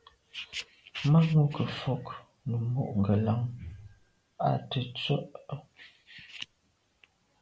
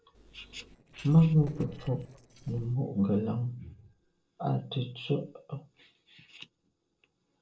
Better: first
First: none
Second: noise reduction (neural separator model SepFormer DNS4)

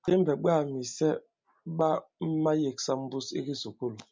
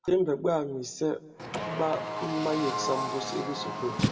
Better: first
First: none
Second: background sound (Car); 3 dB below the speech // room echo; dies away in 0.4 s

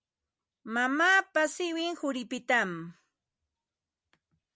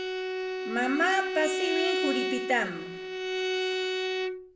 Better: first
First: none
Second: background sound (Bowed string instrument); 1 dB above the speech // room echo; dies away in 0.6 s

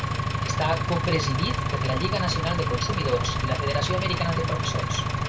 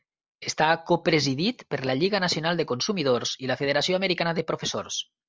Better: second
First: background sound (Engine); 3 dB above the speech // room echo; dies away in 0.2 s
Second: none

